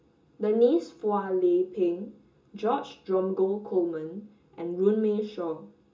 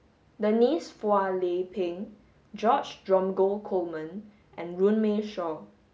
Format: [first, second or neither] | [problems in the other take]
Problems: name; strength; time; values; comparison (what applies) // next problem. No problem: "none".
second | room echo; dies away in 0.2 s